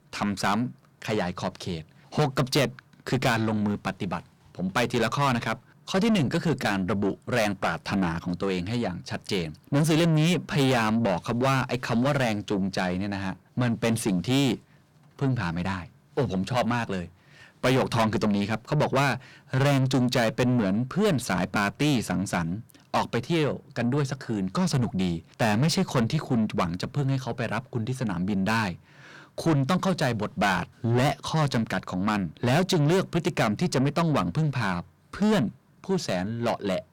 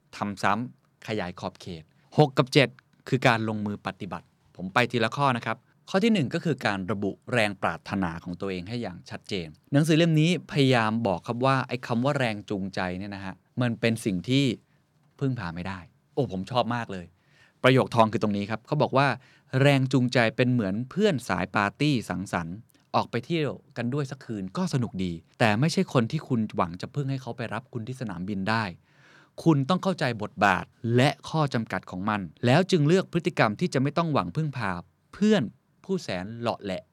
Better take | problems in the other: second | distortion; heavy; 6 dB below the speech

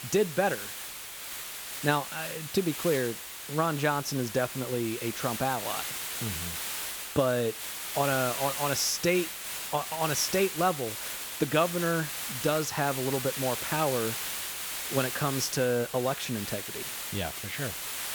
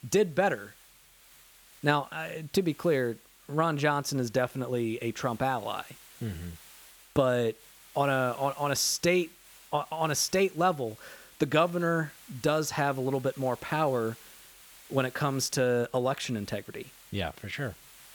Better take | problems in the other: second | hiss; loud; throughout; 4 dB below the speech; faint in the second

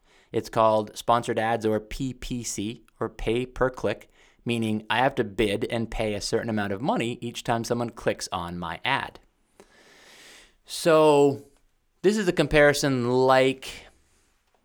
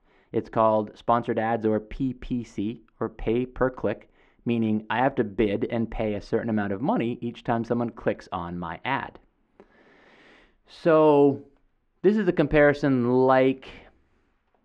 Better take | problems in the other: first | muffled; very; fading above 2 kHz

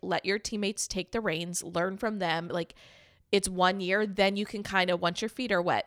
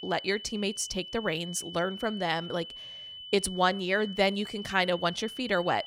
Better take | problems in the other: first | high-pitched whine; noticeable; throughout; 3 kHz, 10 dB below the speech

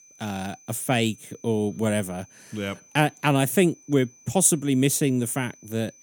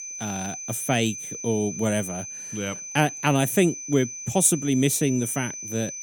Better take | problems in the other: first | high-pitched whine; loud; throughout; 6 kHz, 9 dB below the speech; faint in the first

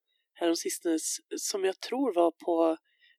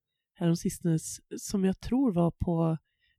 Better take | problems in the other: second | thin; very; fading below 300 Hz

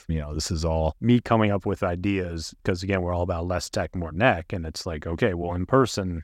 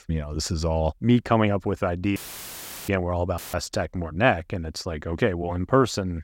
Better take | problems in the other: first | audio cutting out; filled with static; at 2 s for 0.5 s and at 3.5 s

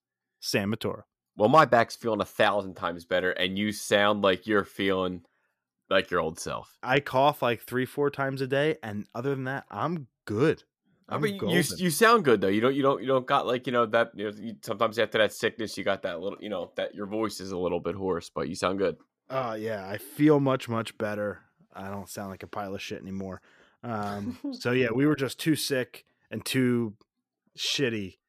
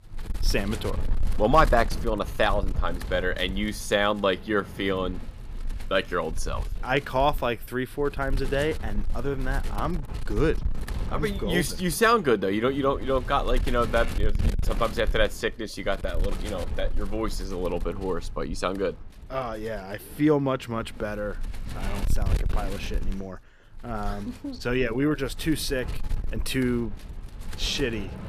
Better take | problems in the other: first | wind noise on the microphone; occasional gusts; 15 dB below the speech

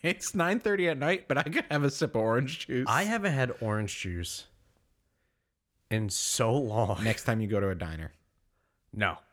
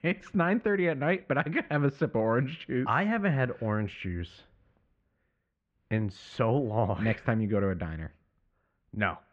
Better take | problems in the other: first | muffled; very; fading above 2.5 kHz

